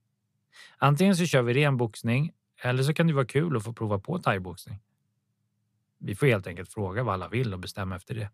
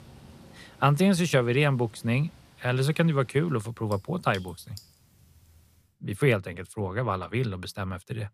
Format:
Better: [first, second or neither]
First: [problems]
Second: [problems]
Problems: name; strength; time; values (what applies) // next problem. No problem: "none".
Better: first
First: none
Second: rain or running water; faint; until 6 s; 25 dB below the speech